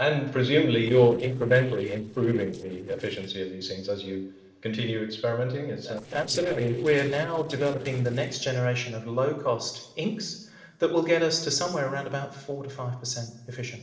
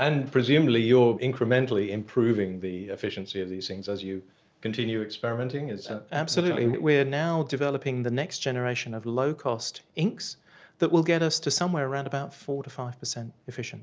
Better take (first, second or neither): second